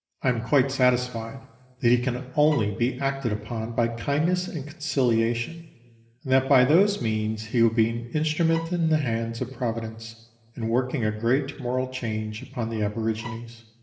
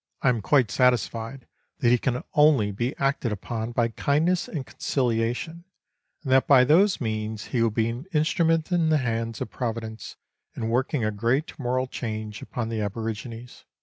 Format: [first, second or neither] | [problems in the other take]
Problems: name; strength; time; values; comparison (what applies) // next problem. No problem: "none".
second | background sound (Bowed string instrument); 17 dB below the speech // room echo; dies away in 1.1 s